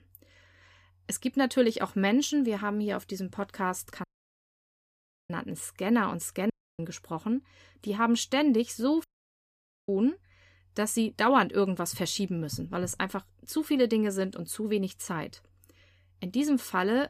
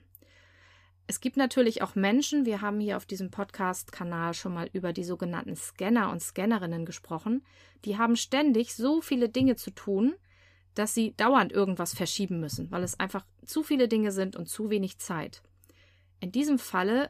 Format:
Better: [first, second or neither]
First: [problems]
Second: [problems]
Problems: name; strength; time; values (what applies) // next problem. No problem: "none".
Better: second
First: audio cutting out; at 4 s for 1.5 s, at 6.5 s and at 9 s for 1 s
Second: none